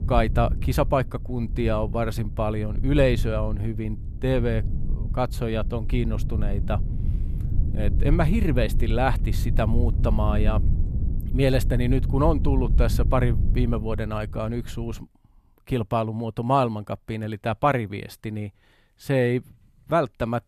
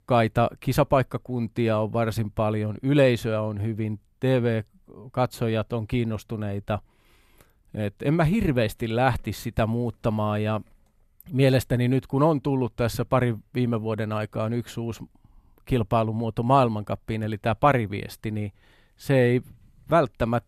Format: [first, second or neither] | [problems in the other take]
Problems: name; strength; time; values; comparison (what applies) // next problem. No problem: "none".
second | low rumble; noticeable; until 15 s; 15 dB below the speech